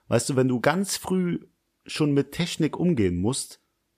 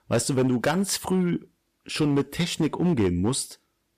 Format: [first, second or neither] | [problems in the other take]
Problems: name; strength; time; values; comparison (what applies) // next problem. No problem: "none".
first | distortion; slight; 6% of the sound clipped